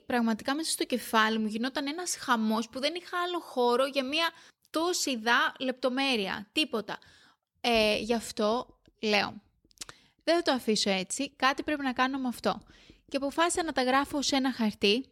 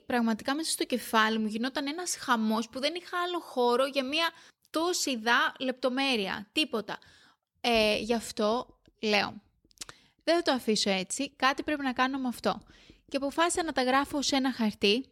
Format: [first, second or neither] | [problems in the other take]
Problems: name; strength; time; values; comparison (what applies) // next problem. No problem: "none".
neither | none